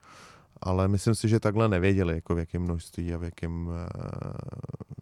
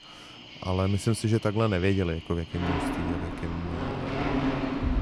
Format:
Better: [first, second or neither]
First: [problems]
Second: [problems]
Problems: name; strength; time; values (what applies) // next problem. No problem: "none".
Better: first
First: none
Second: animal sounds; loud; throughout; 4 dB below the speech